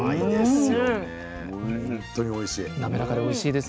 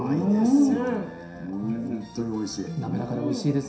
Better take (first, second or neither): first